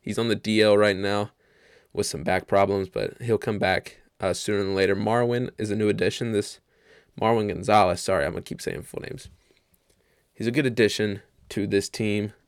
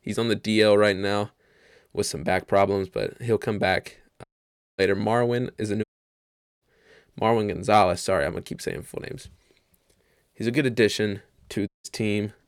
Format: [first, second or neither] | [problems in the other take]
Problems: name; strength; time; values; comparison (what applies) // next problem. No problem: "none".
first | audio cutting out; at 4 s for 0.5 s, at 6 s for 1 s and at 12 s